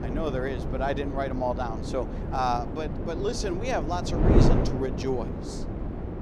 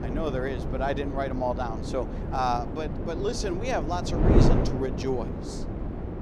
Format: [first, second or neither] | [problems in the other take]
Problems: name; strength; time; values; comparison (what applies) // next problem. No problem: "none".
neither | wind noise on the microphone; heavy; 4 dB below the speech; the same in both